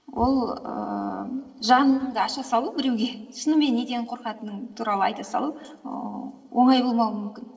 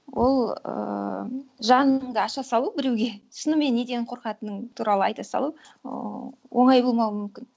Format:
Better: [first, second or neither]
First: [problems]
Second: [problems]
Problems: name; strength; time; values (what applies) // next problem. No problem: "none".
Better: second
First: room echo; dies away in 2 s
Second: none